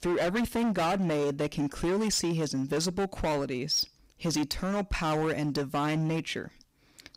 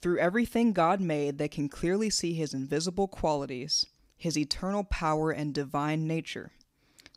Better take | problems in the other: second | distortion; heavy; 21% of the sound clipped

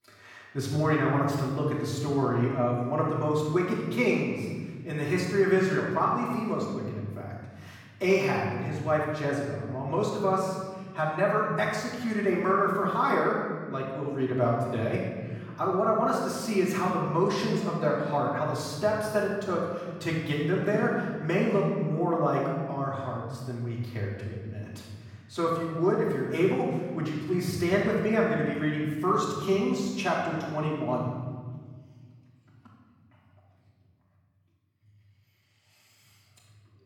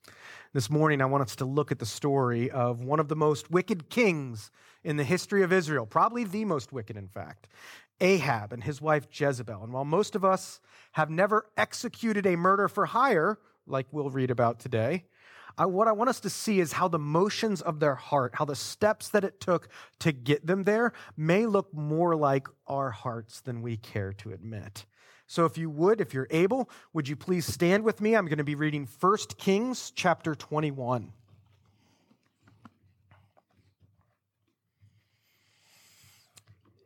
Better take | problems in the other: second | room echo; noticeable; dies away in 1.8 s // off-mic speech; far

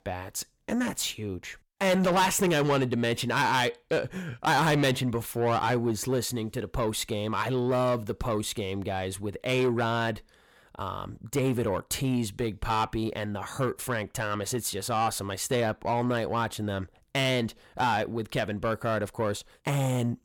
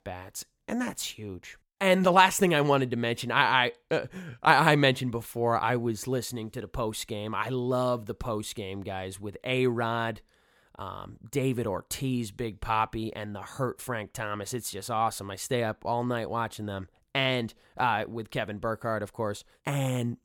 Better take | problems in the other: second | distortion; heavy; 7 dB below the speech

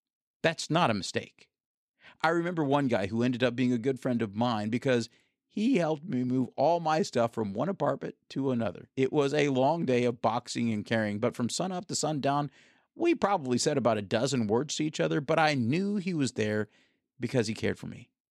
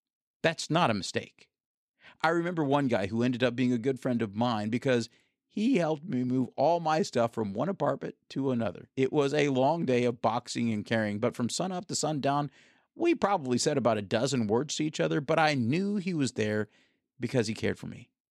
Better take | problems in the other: neither | none

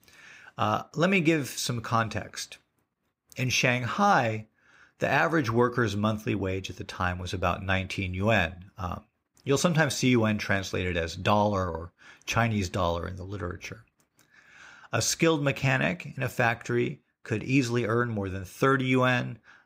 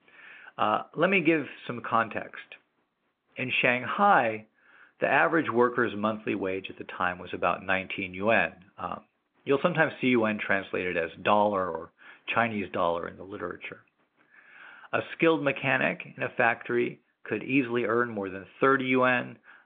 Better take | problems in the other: first | phone-call audio

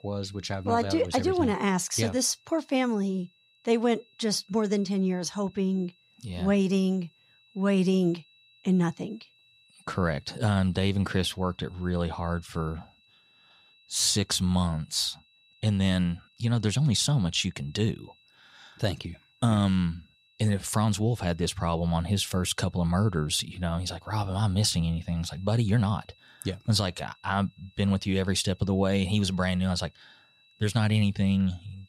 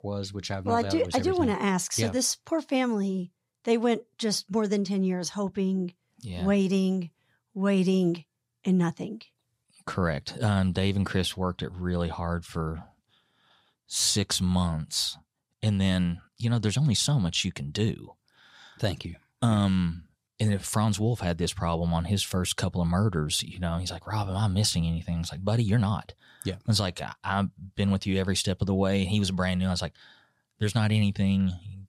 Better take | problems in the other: second | high-pitched whine; faint; throughout; 4 kHz, 30 dB below the speech

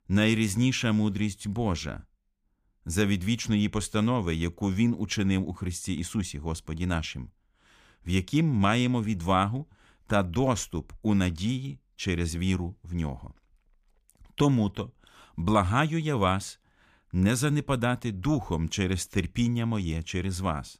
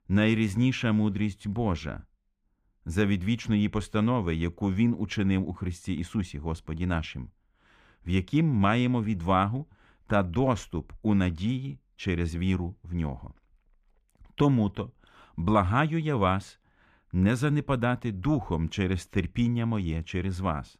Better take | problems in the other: first | muffled; slightly; fading above 4 kHz

